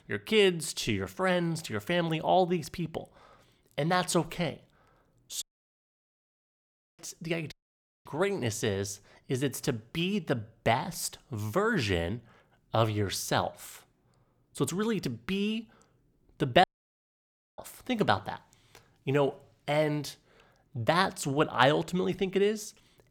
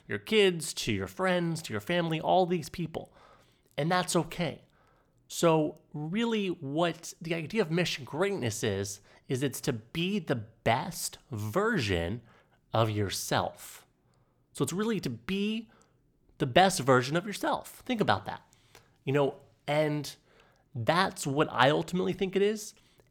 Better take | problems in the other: second | audio cutting out; at 5.5 s for 1.5 s, at 7.5 s for 0.5 s and at 17 s for 1 s

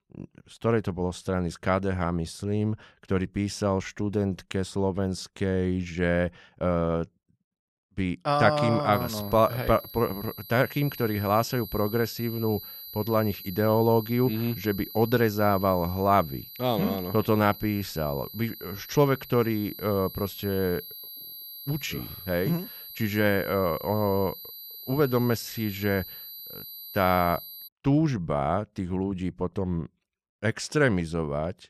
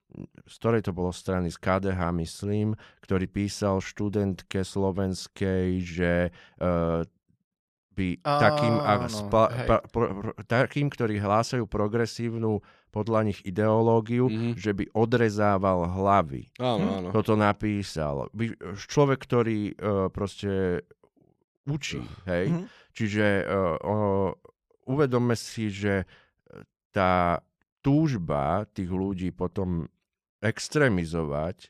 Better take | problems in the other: second | high-pitched whine; noticeable; from 9 to 28 s; 12 kHz, 10 dB below the speech

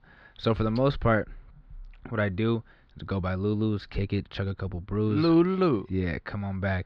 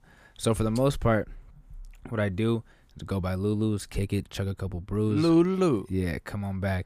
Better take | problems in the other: second | muffled; very slightly; fading above 4.5 kHz

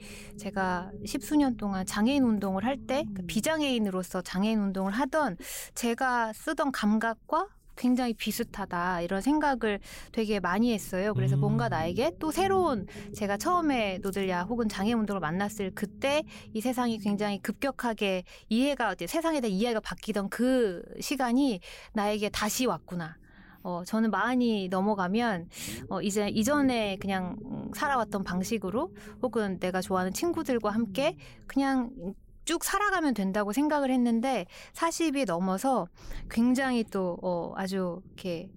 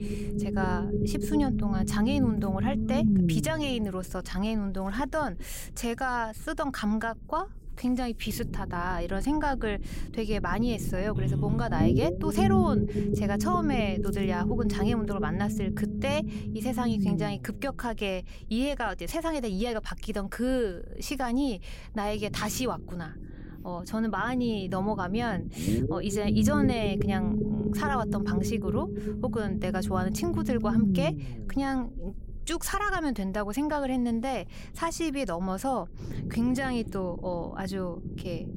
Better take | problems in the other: first | low rumble; loud; throughout; 5 dB below the speech; faint in the first

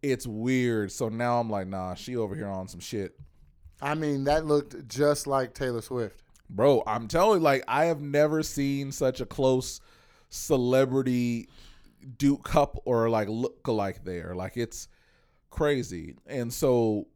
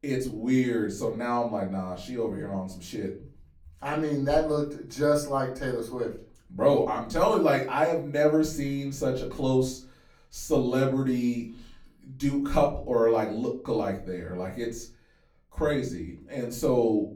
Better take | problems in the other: first | off-mic speech; far // room echo; very slight; dies away in 0.4 s

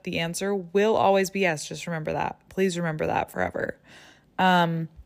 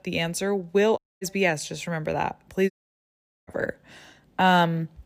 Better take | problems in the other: first | audio cutting out; at 1 s and at 2.5 s for 1 s

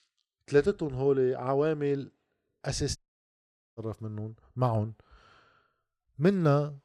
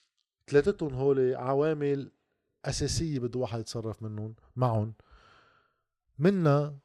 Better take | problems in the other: second | audio cutting out; at 3 s for 1 s

